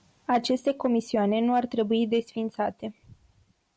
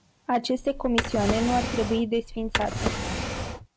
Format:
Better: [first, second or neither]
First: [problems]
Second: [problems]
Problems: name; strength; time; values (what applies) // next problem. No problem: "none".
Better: first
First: none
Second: background sound (Drawer open or close); 3 dB below the speech